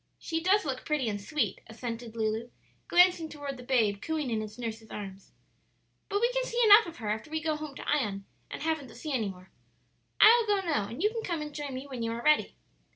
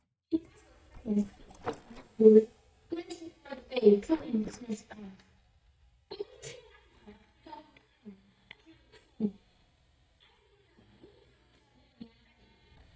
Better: first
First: none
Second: noise reduction (neural mask model DeepFilterNet 3)

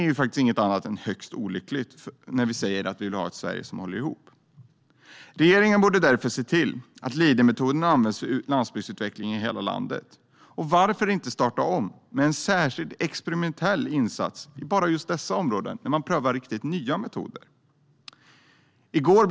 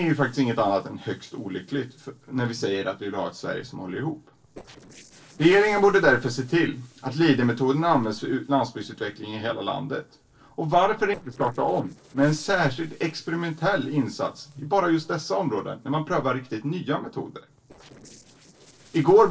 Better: first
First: none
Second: noise reduction (neural separator model SepFormer DNS4)

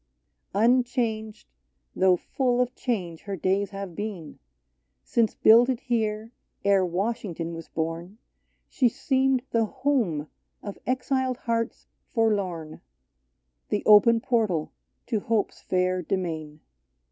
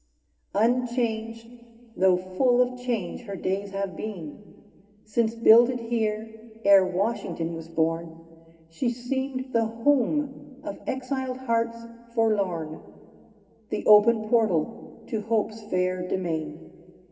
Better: first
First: none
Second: room echo; dies away in 2.7 s

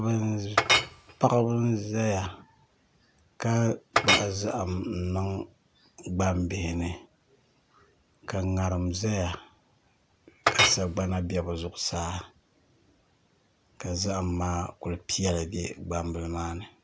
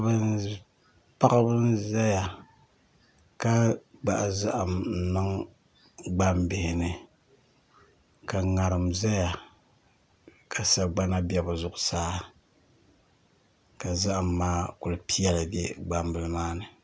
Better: second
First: background sound (Chink, clink); 1 dB above the speech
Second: none

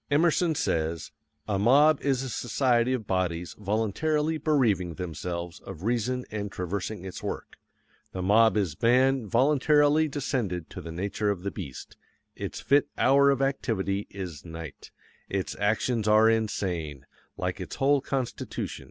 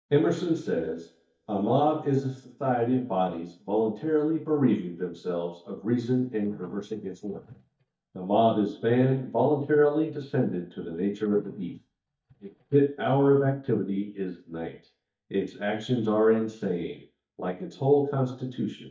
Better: first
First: none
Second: noise reduction (neural mask model DeepFilterNet 3)

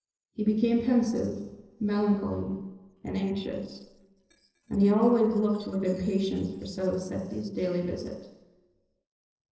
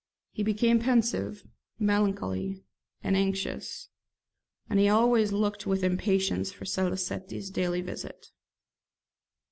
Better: second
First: noise reduction (neural separator model SepFormer DNS4)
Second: none

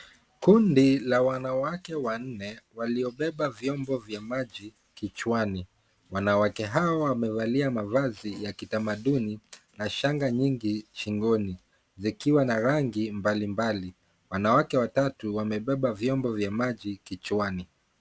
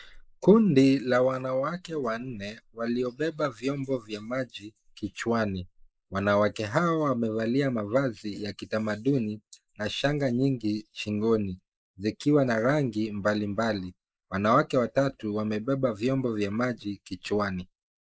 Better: first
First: none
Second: noise reduction (neural mask model Resemble Enhance denoiser)

